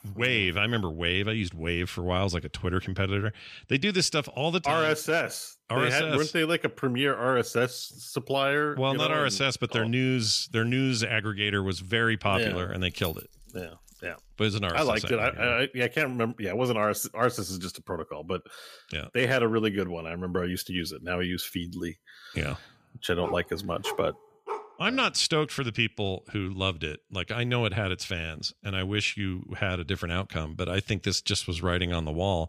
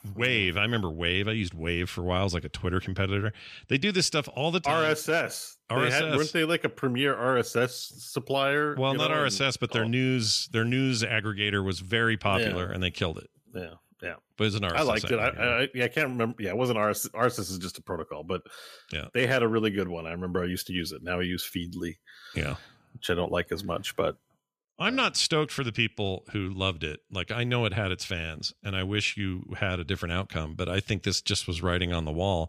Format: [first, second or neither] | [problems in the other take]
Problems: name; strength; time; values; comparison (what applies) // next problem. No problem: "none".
second | jangling keys; faint; from 13 to 15 s; peak 15 dB below the speech // dog barking; faint; from 23 to 25 s; peak 10 dB below the speech